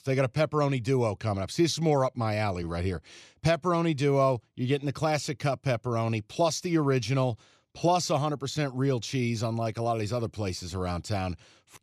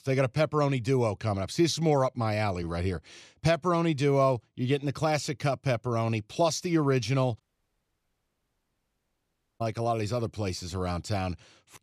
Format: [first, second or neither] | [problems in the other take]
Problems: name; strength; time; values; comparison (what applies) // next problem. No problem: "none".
first | audio cutting out; at 7.5 s for 2 s